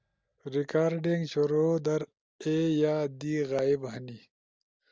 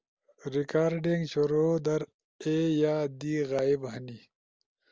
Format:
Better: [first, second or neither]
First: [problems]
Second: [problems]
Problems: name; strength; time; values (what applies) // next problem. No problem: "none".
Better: second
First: noise reduction (neural mask model DeepFilterNet 3)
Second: none